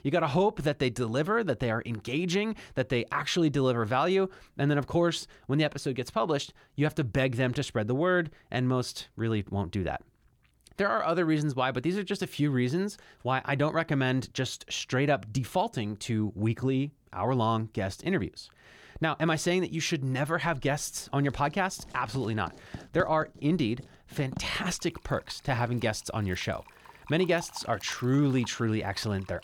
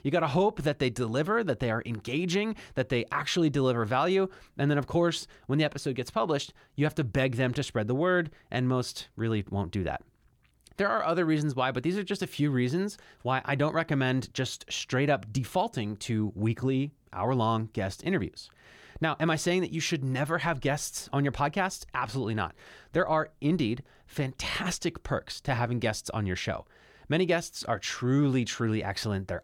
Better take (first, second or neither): second